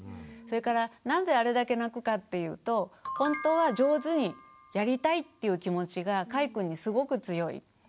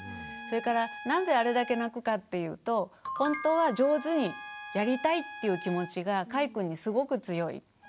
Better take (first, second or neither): first